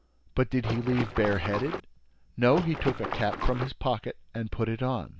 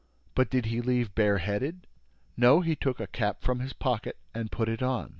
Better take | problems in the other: second | background sound (Water / Splash, splatter); 6 dB below the speech

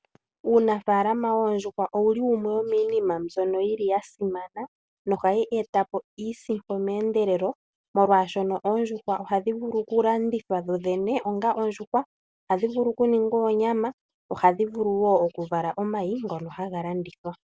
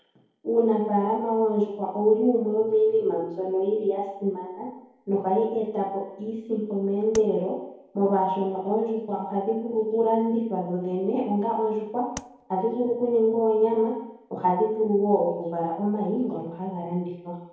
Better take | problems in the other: first | background sound (Tap); 15 dB below the speech // room echo; dies away in 1.9 s

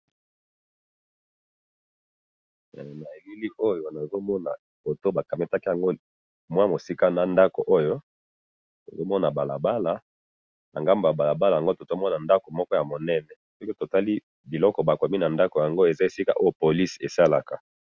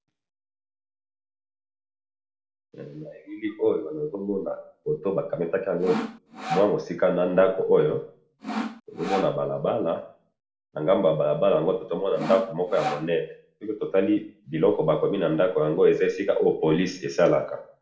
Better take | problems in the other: first | background sound (Sawing); 7 dB below the speech // room echo; dies away in 0.4 s

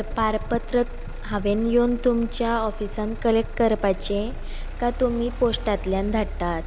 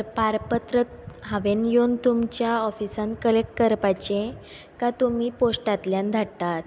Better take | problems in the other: second | background sound (Motor vehicle (road)); 7 dB below the speech

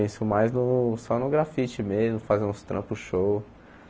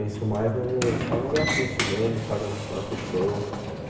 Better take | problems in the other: first | background sound (Sliding door); 3 dB below the speech // room echo; dies away in 1.1 s

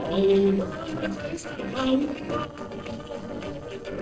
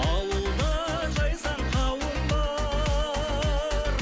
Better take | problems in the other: second | noise reduction (neural separator model SepFormer DNS4)

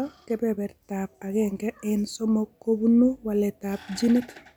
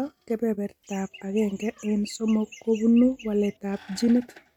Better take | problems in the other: first | noise reduction (neural mask model RNNoise)

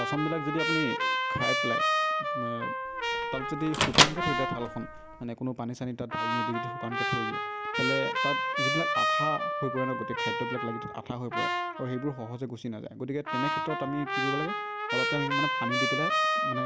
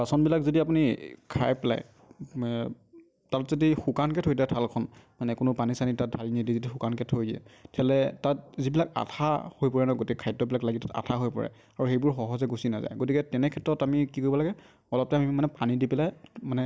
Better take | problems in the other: second | background sound (Microwave oven + Trumpet); 4 dB above the speech

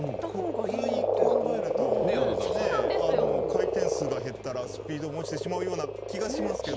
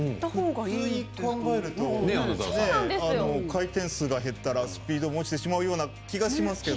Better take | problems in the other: second | background sound (Frog); 5 dB above the speech

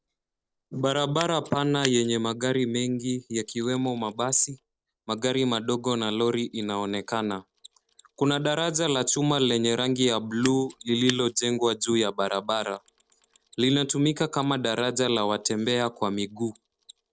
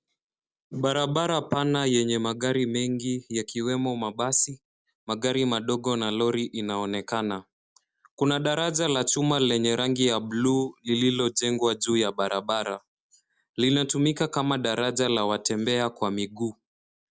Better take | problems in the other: second | noise reduction (neural separator model SepFormer DNS4)

